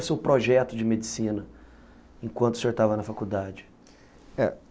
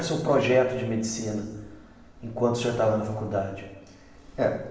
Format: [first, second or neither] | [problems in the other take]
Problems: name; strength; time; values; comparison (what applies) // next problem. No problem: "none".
first | room echo; dies away in 1 s